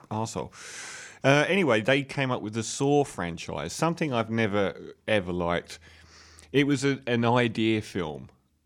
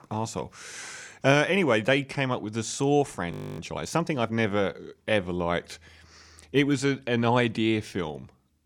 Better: first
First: none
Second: audio freezing; at 3.5 s

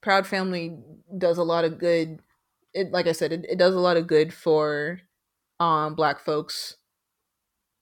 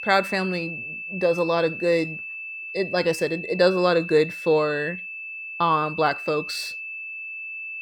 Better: first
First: none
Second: high-pitched whine; loud; throughout; 2.5 kHz, 9 dB below the speech

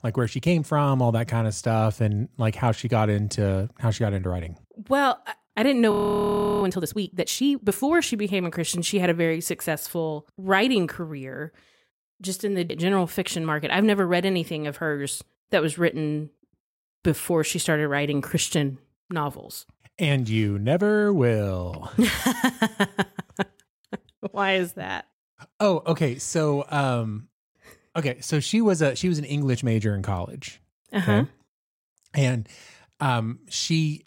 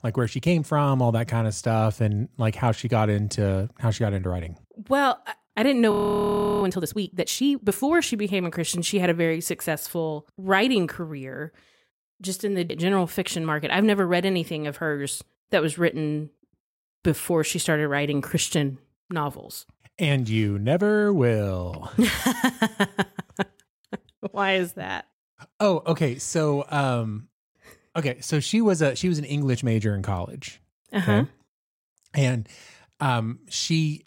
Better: neither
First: audio freezing; at 6 s for 0.5 s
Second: audio freezing; at 6 s for 0.5 s

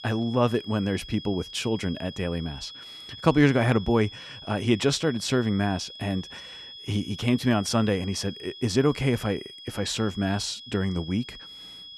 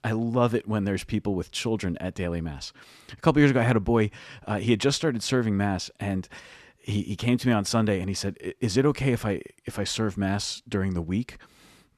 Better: second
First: high-pitched whine; noticeable; throughout; 3.5 kHz, 15 dB below the speech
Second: none

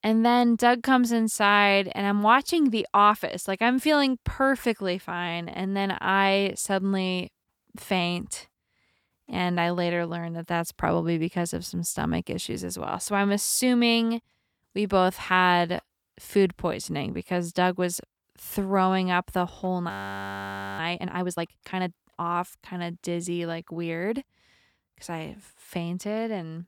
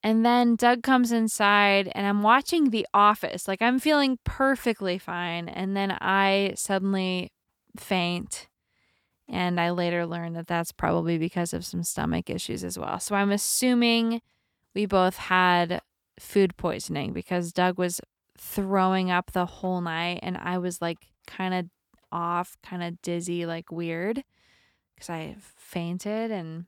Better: second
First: audio freezing; at 20 s for 1 s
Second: none

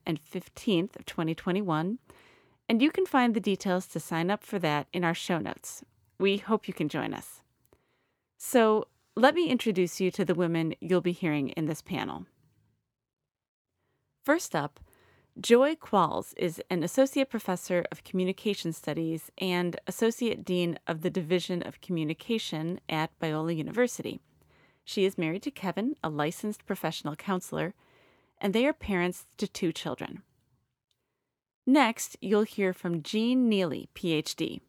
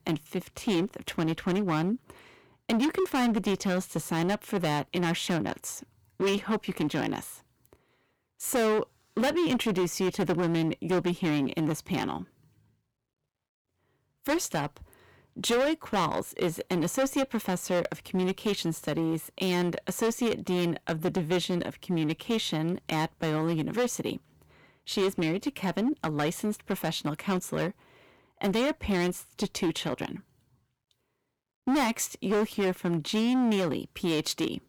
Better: first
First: none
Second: distortion; heavy; 12% of the sound clipped

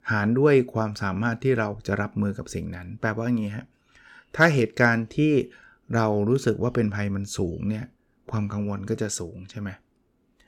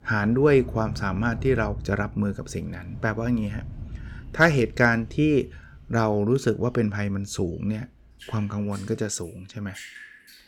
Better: first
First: none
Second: rain or running water; noticeable; throughout; 15 dB below the speech

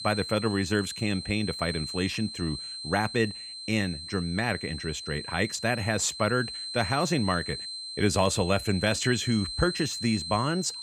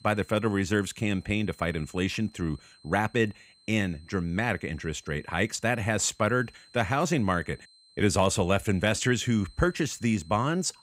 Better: second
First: high-pitched whine; loud; throughout; 4 kHz, 7 dB below the speech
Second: high-pitched whine; faint; throughout; 4 kHz, 30 dB below the speech

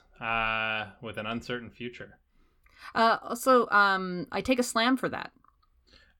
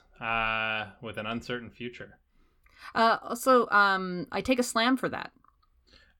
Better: neither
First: none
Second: none

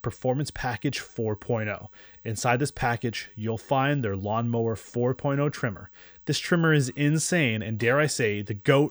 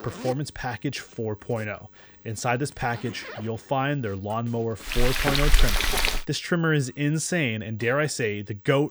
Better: first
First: none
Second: household noises; very loud; until 6 s; 1 dB above the speech

